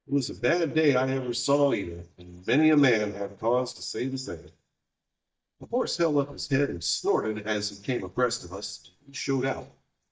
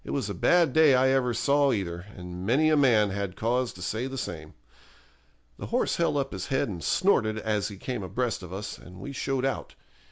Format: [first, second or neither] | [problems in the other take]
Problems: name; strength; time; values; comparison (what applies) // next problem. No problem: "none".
second | noise reduction (neural mask model DeepFilterNet 3)